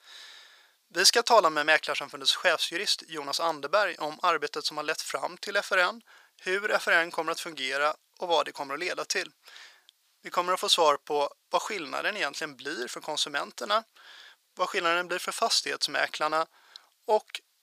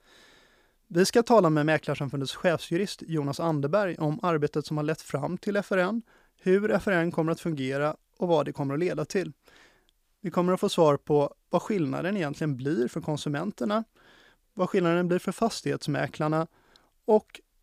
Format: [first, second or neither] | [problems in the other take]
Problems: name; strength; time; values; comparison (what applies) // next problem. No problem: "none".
second | thin; very; fading below 900 Hz